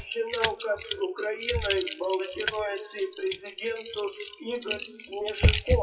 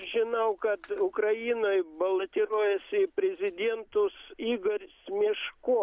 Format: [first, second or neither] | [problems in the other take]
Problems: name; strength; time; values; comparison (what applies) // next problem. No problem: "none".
second | noise reduction (classical method WPE with log-MMSE)